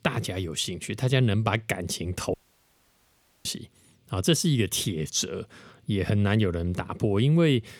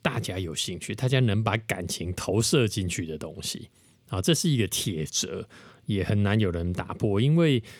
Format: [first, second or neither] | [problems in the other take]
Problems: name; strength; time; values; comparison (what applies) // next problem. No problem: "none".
second | audio cutting out; at 2.5 s for 1 s